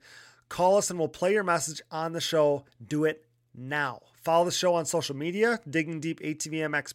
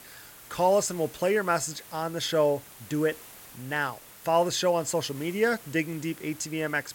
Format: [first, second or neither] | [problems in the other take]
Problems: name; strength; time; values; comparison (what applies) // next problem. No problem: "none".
first | hiss; noticeable; throughout; 20 dB below the speech